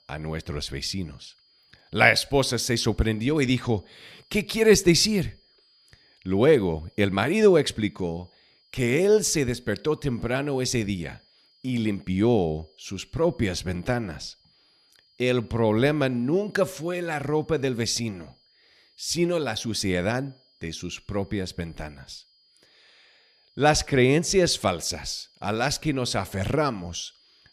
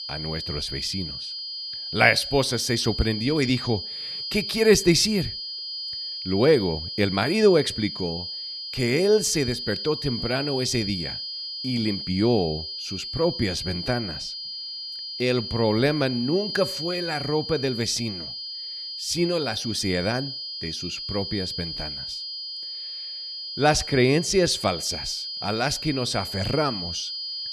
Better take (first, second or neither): first